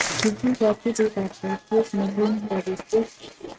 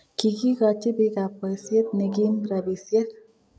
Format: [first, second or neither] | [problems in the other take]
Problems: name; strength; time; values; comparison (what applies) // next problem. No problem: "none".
second | noise reduction (neural mask model RNNoise)